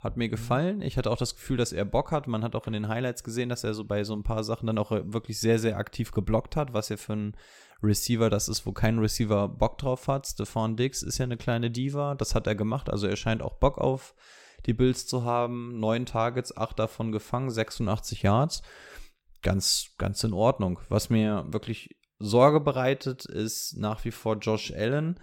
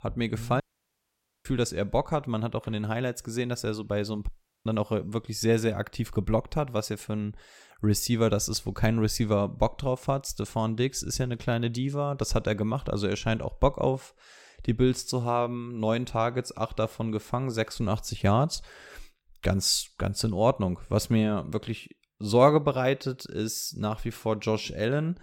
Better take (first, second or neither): first